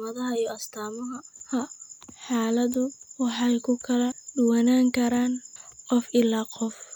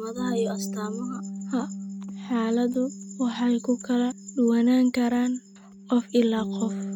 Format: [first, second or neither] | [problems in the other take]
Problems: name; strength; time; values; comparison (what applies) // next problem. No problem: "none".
first | noise reduction (neural mask model RNNoise)